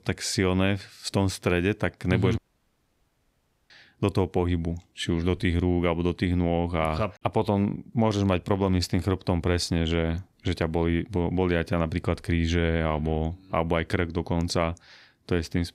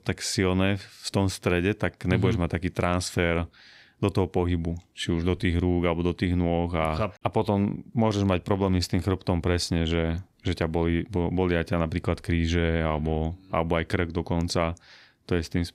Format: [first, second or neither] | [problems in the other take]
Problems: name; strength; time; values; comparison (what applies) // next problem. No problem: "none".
second | audio cutting out; at 2.5 s for 1.5 s